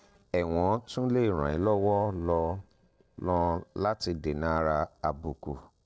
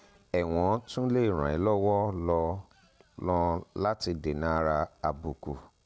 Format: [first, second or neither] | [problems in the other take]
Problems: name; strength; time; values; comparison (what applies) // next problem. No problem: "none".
second | noise reduction (neural separator model SepFormer DNS4)